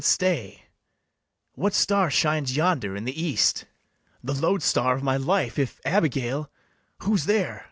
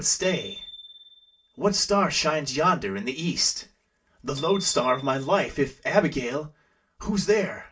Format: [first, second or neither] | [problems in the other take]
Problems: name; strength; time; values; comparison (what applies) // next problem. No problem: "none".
first | background sound (Bicycle bell); 19 dB below the speech // room echo; dies away in 0.2 s